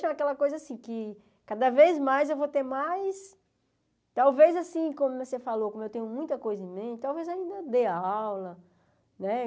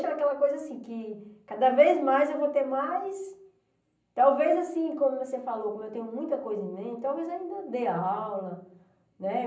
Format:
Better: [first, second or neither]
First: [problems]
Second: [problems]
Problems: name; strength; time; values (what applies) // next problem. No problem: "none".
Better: first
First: none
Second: room echo; dies away in 0.6 s